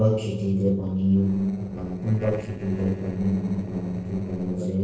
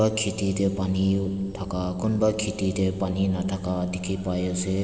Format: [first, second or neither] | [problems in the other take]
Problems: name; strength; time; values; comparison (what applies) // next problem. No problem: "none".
second | noise reduction (neural separator model SepFormer DNS4)